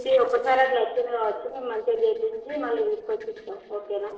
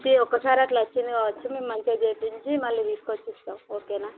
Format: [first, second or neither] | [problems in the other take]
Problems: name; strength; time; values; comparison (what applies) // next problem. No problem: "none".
second | noise reduction (neural separator model SepFormer DNS4)